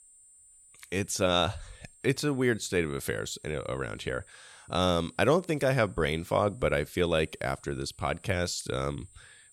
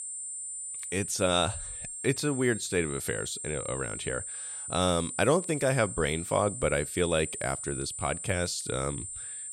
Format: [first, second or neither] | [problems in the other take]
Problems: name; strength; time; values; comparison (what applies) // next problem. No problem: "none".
first | high-pitched whine; loud; throughout; 9 kHz, 6 dB below the speech; faint in the first